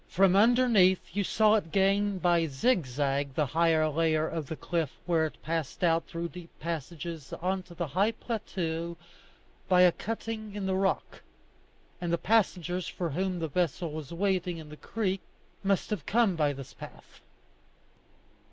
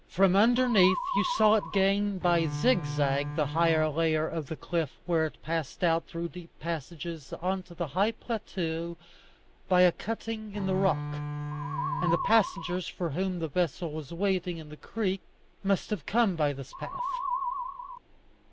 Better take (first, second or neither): first